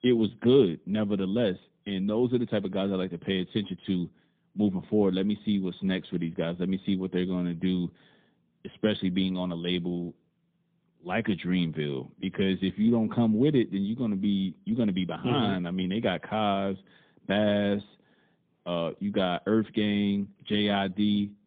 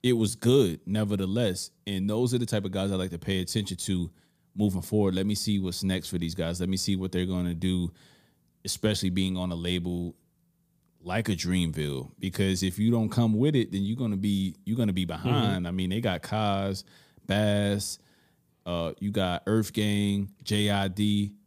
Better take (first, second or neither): second